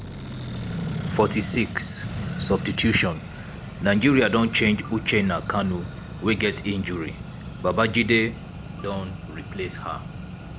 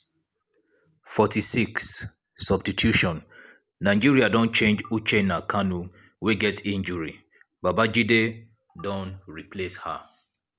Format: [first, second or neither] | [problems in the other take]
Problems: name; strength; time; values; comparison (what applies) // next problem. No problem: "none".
second | background sound (Accelerating, revving, vroom); 8 dB below the speech